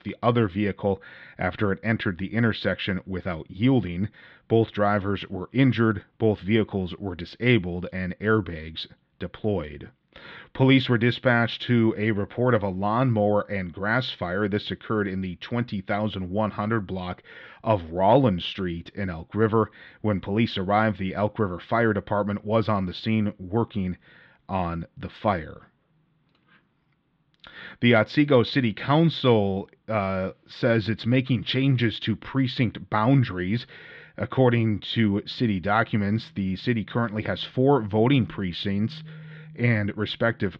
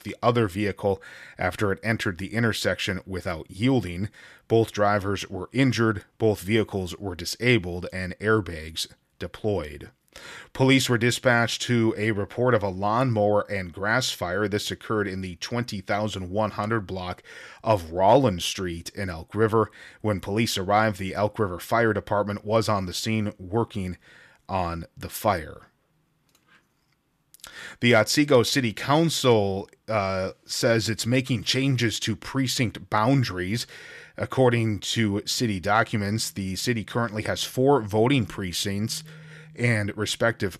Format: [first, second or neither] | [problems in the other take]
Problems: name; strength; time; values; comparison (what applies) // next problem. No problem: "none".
second | muffled; slightly; fading above 4 kHz